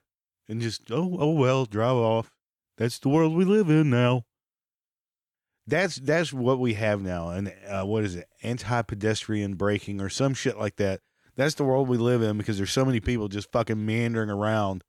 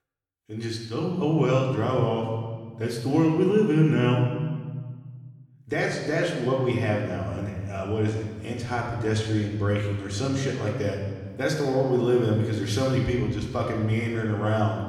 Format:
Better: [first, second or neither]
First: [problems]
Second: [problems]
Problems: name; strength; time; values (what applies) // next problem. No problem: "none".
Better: first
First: none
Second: room echo; noticeable; dies away in 1.5 s // off-mic speech; far